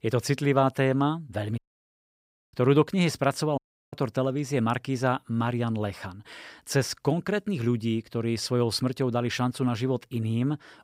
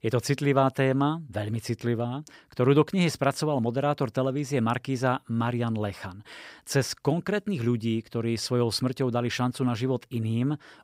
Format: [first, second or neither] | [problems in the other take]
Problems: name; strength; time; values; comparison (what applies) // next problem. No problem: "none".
second | audio cutting out; at 1.5 s for 1 s and at 3.5 s